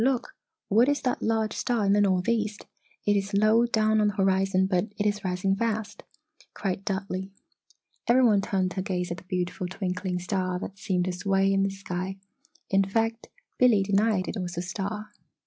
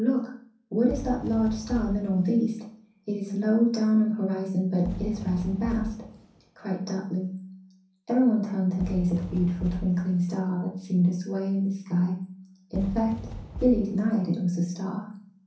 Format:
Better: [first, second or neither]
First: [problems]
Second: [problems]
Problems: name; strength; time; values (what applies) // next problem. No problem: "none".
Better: first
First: none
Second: background sound (Fireworks); 14 dB below the speech // room echo; dies away in 0.6 s